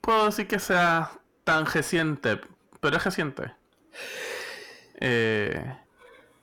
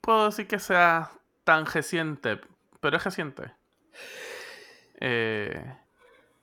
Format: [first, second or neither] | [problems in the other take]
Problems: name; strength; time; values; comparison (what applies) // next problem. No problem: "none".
second | distortion; heavy; 6 dB below the speech